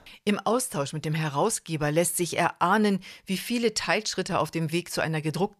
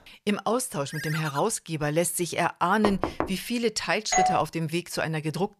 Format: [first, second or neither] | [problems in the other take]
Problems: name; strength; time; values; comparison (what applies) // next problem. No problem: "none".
first | phone ringing; noticeable; at 1 s; peak 7 dB below the speech // door banging; noticeable; at 3 s; peak 3 dB below the speech // doorbell; loud; at 4 s; peak 4 dB above the speech